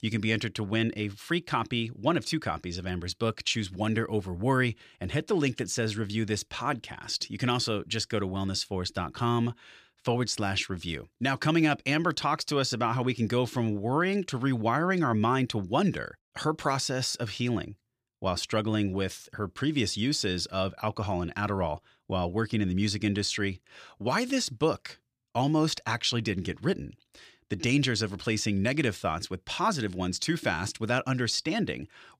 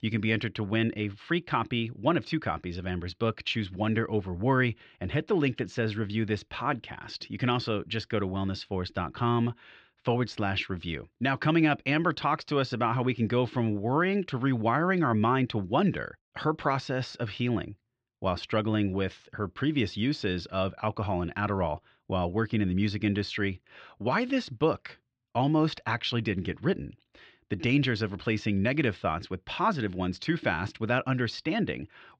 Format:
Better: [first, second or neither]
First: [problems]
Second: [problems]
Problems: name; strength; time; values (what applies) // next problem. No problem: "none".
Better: first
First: none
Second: muffled; slightly; fading above 3.5 kHz